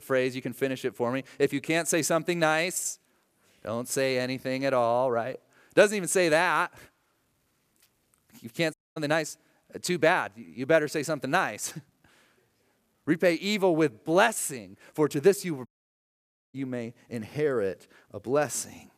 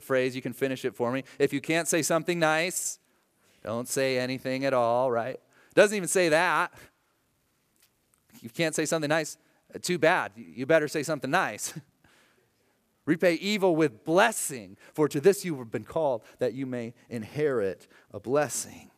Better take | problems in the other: second | audio cutting out; at 8.5 s and at 16 s for 1 s

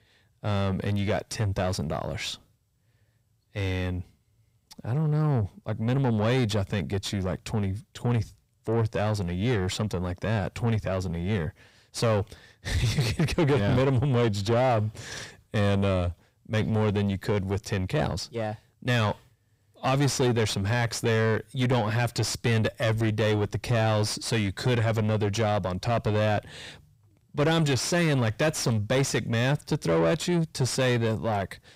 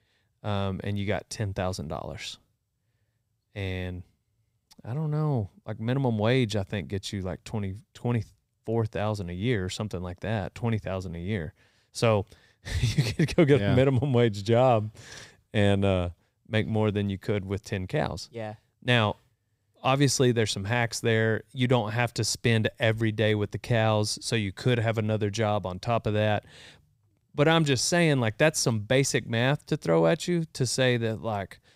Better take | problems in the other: second | distortion; heavy; 7 dB below the speech

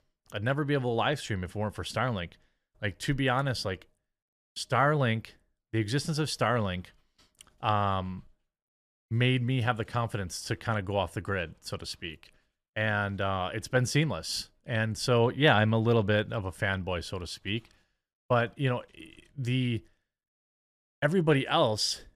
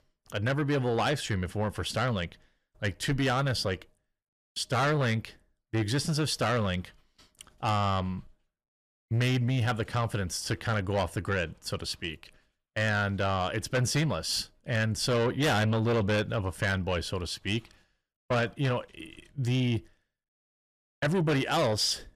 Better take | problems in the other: first | distortion; heavy; 8 dB below the speech

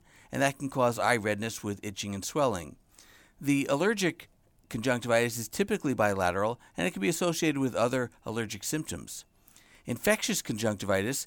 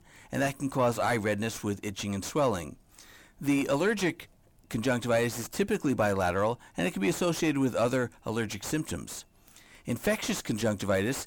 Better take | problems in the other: first | distortion; slight; 10 dB below the speech

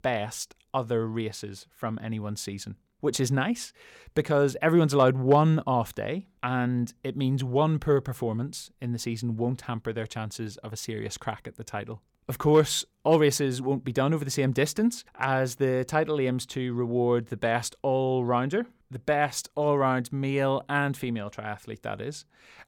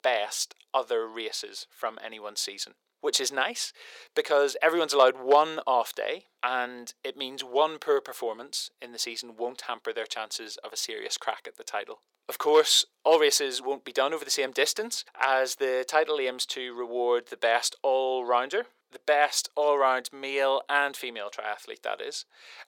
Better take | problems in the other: first | thin; very; fading below 450 Hz

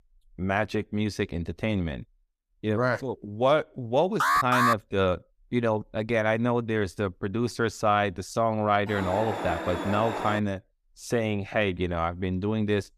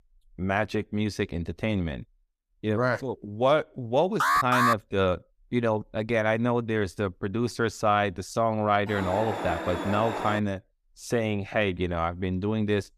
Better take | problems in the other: neither | alarm; loud; at 4 s; peak 5 dB above the speech; the same in both // alarm; noticeable; from 9 to 10 s; peak 5 dB below the speech; the same in both

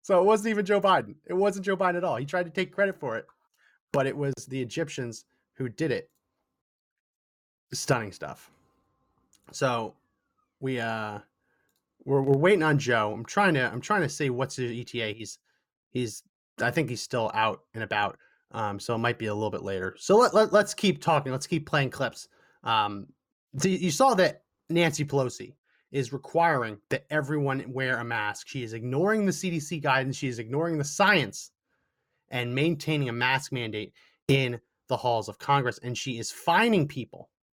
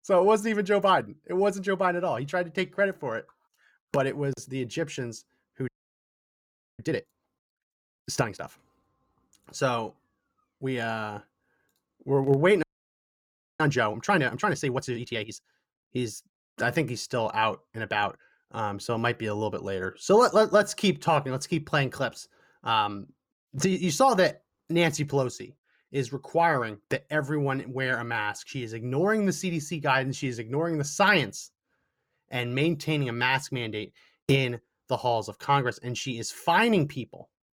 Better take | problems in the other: first | audio freezing; at 5.5 s for 1 s and at 13 s for 1 s

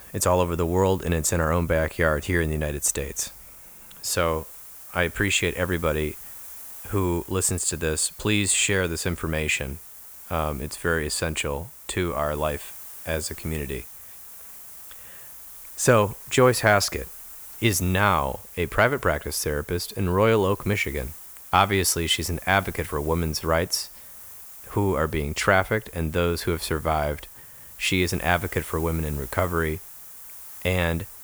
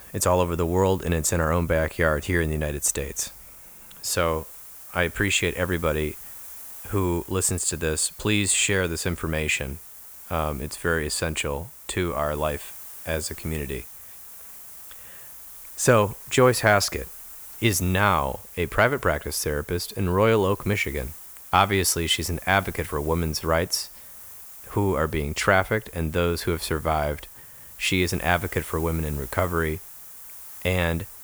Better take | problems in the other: neither | hiss; noticeable; throughout; 15 dB below the speech; the same in both

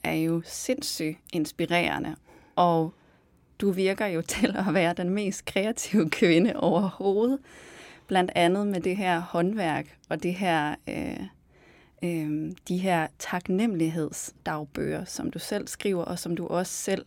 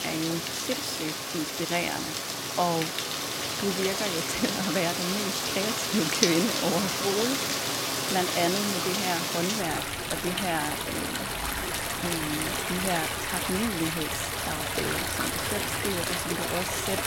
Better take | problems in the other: first | rain or running water; very loud; throughout; 3 dB above the speech

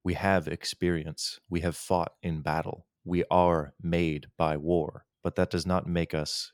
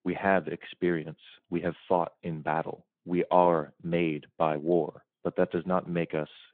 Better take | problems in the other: first | phone-call audio; nothing above 3.5 kHz

